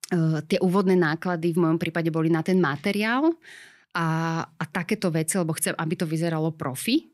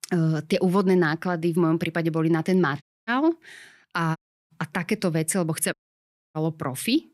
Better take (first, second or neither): first